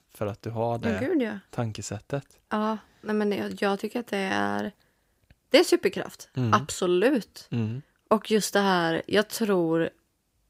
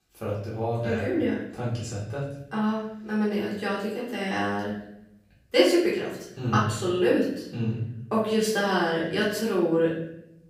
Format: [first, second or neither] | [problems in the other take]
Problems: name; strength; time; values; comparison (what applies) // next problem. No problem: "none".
first | room echo; noticeable; dies away in 0.8 s // off-mic speech; far